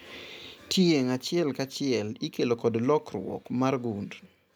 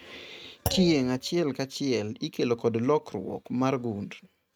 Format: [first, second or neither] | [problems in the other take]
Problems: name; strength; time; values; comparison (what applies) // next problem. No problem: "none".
first | noise reduction (neural mask model RNNoise)